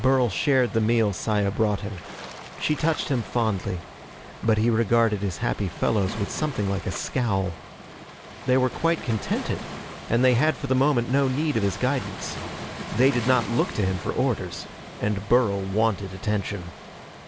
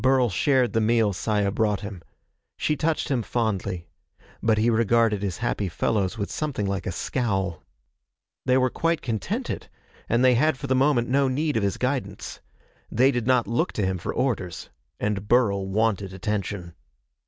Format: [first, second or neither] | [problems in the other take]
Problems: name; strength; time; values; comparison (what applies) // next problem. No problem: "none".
second | background sound (Water / Splash, splatter + Waves, surf); 13 dB below the speech